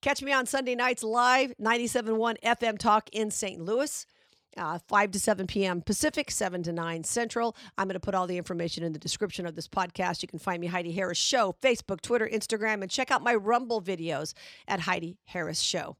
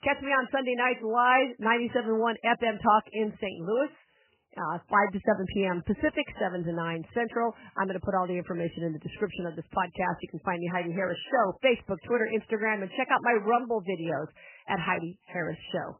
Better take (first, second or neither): first